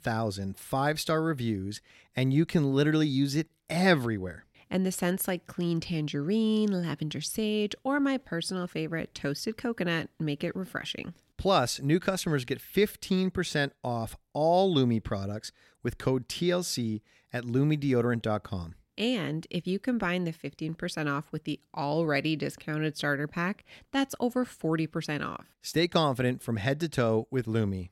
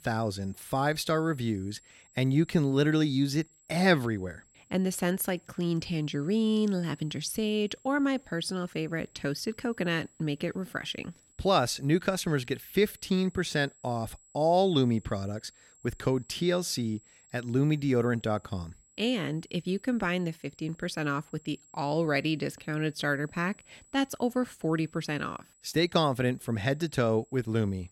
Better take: first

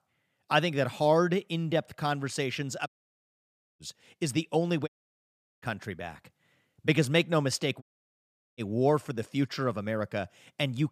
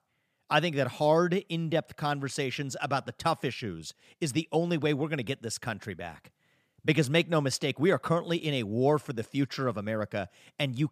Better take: second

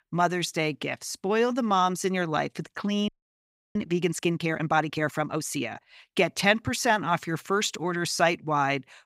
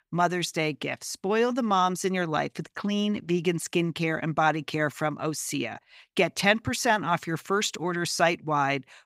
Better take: second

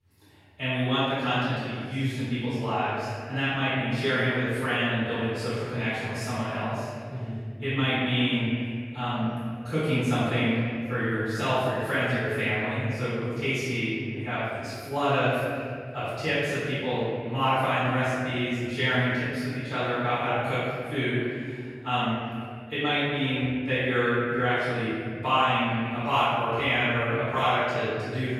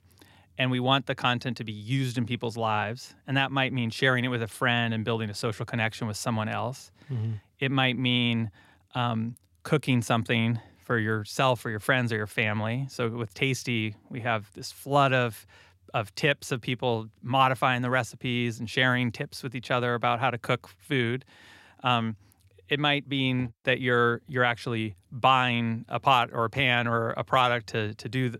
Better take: second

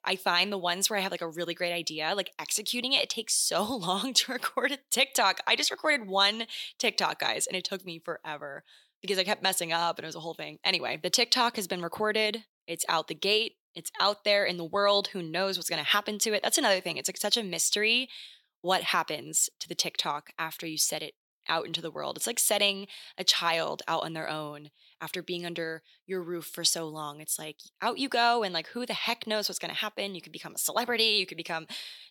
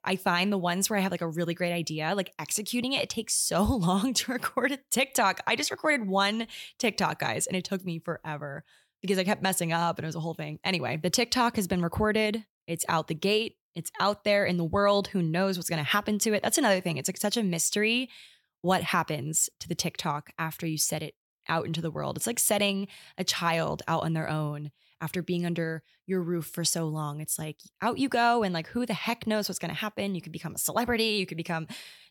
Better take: second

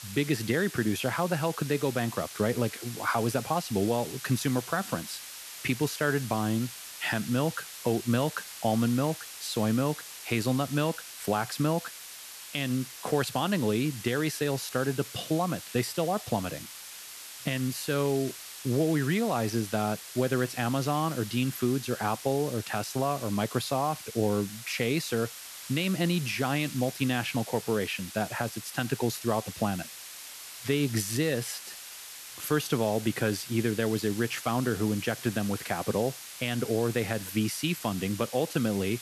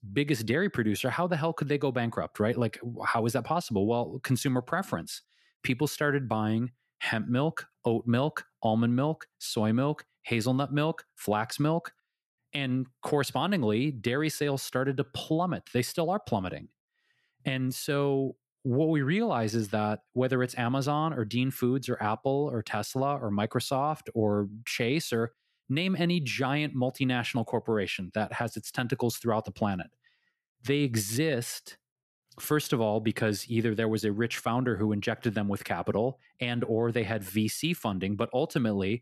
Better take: second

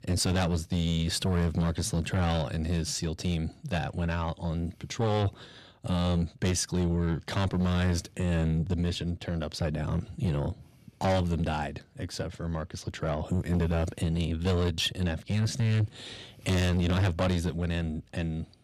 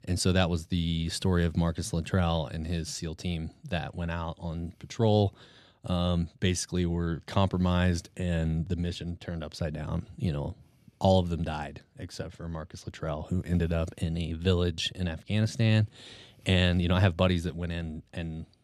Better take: second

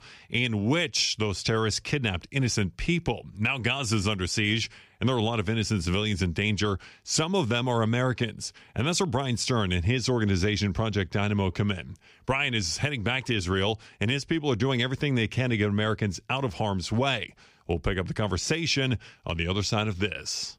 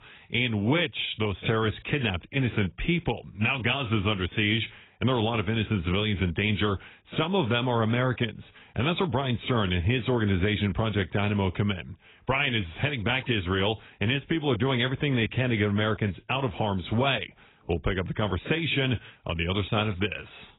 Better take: first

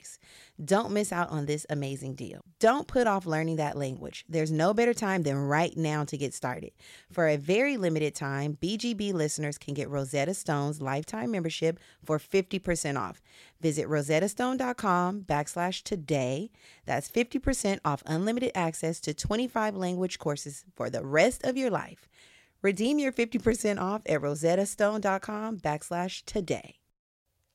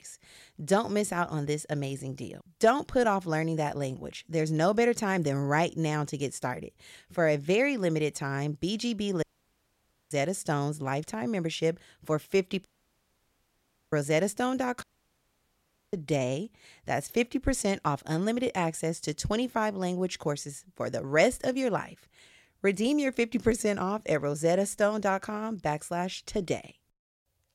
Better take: first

